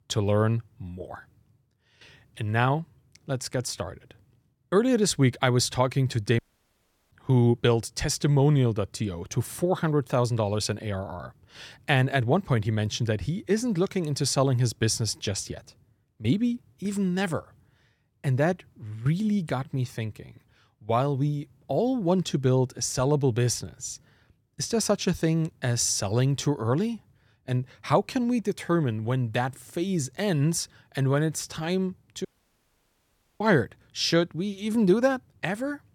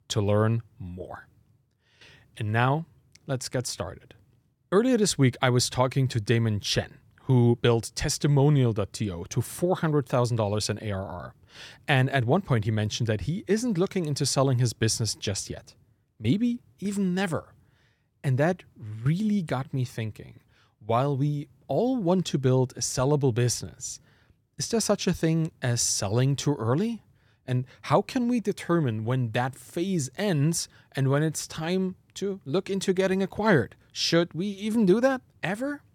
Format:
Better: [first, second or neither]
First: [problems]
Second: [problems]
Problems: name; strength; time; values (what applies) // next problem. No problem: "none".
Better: second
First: audio cutting out; at 6.5 s for 0.5 s and at 32 s for 1 s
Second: none